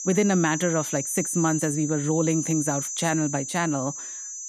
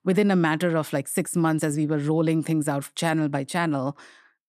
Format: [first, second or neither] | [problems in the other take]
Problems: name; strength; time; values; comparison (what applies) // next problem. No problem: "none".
second | high-pitched whine; loud; throughout; 6 kHz, 5 dB below the speech